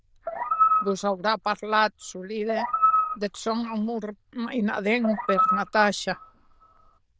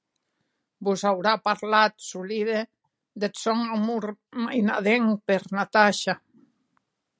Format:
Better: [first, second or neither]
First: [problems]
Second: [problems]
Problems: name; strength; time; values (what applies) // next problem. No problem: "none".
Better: second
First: noise reduction (neural diffusion model UNIVERSE++)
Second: none